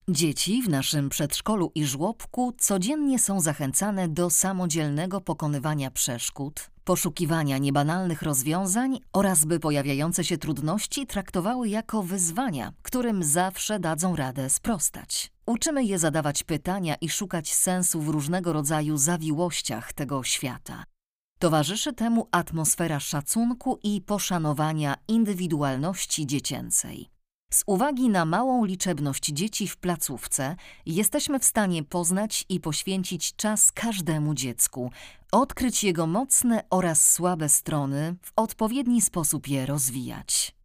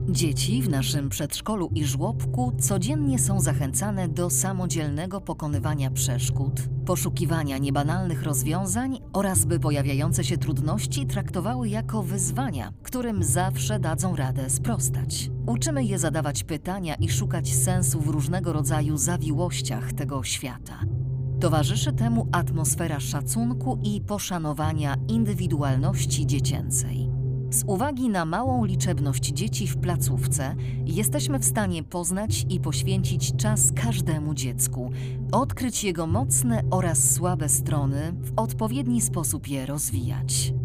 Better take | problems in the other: first | low rumble; noticeable; throughout; 10 dB below the speech

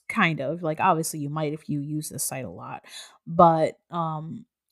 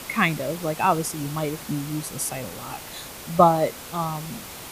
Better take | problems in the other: first | hiss; noticeable; throughout; 10 dB below the speech

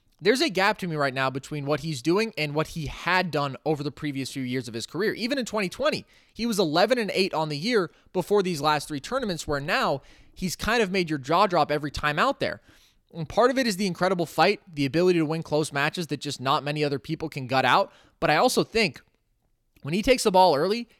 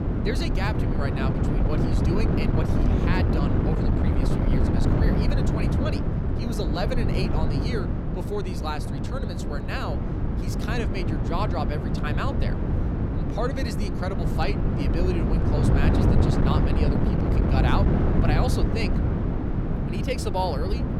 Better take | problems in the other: first | wind noise on the microphone; heavy; as loud as the speech

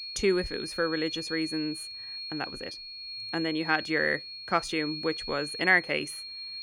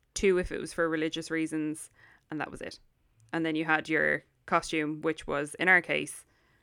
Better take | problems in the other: second | high-pitched whine; loud; throughout; 4.5 kHz, 7 dB below the speech

